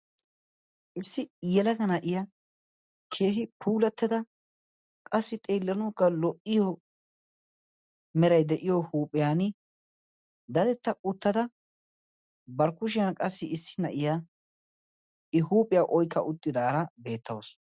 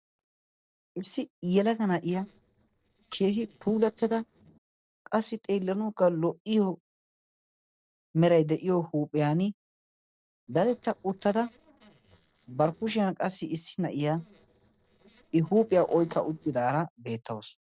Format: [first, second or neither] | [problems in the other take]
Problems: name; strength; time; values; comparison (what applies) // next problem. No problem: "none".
first | noise reduction (neural separator model SepFormer DNS4)